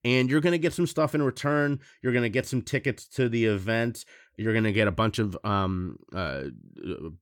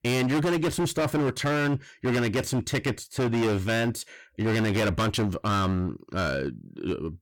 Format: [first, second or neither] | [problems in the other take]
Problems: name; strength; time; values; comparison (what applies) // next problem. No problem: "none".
first | distortion; heavy; 22% of the sound clipped